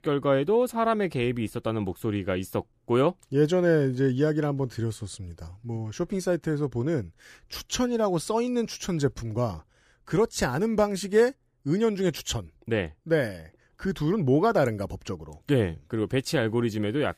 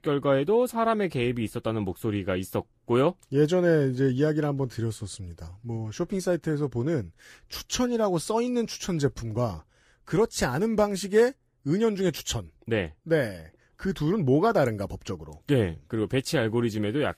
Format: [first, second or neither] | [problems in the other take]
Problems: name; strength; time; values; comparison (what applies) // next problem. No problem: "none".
first | garbled, watery; slightly; nothing above 15 kHz